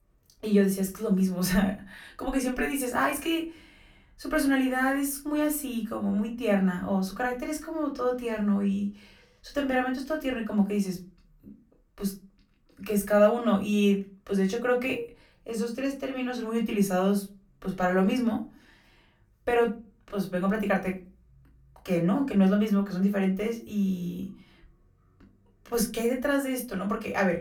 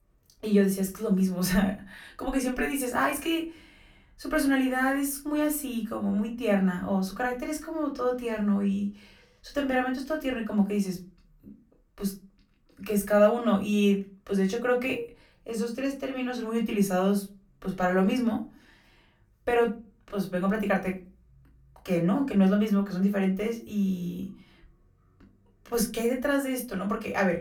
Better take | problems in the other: neither | off-mic speech; far; the same in both // room echo; very slight; dies away in 0.3 s; the same in both

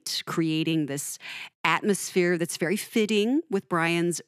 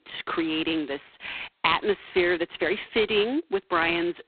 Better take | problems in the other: first | phone-call audio; poor line; nothing above 4 kHz

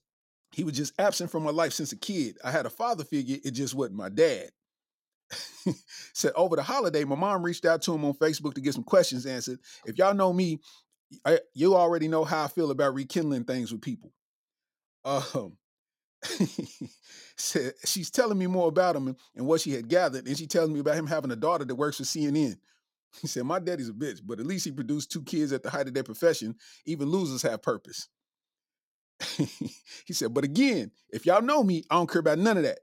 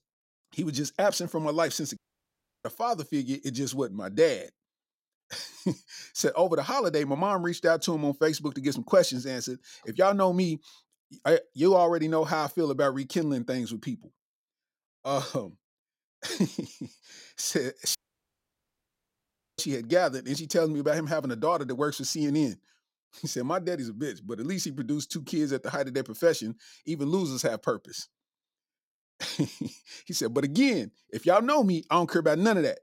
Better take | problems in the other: first | audio cutting out; at 2 s for 0.5 s and at 18 s for 1.5 s

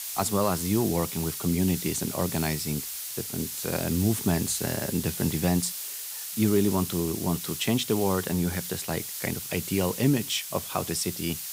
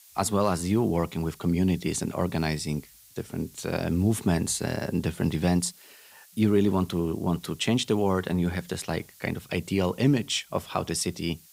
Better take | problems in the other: second | hiss; loud; throughout; 5 dB below the speech; faint in the second

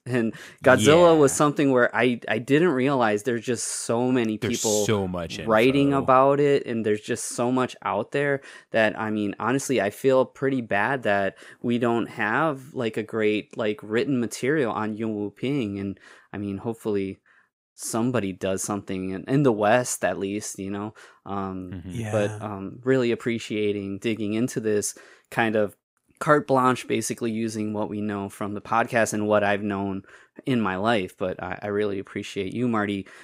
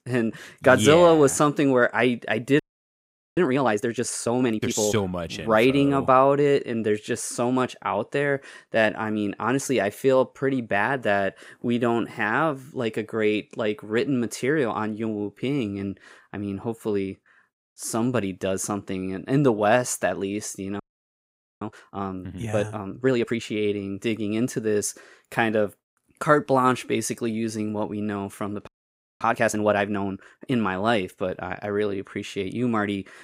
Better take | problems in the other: first | audio freezing; at 2.5 s for 1 s, at 21 s for 1 s and at 29 s for 0.5 s

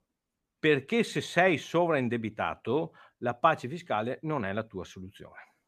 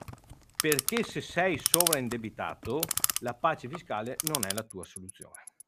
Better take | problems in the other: first | household noises; very loud; throughout; 3 dB above the speech

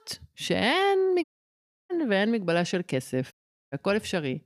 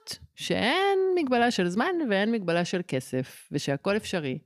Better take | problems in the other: second | audio cutting out; at 1 s for 0.5 s and at 3.5 s

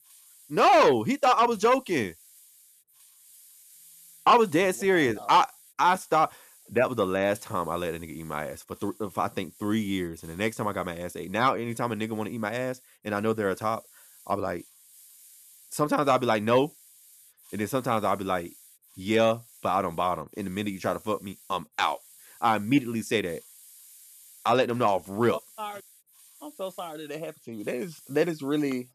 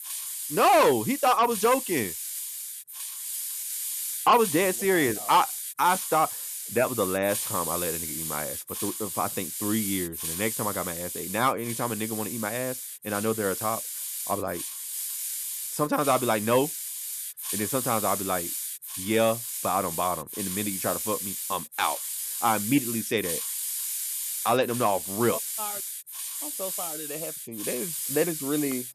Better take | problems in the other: first | hiss; loud; throughout; 4 dB below the speech; faint in the first

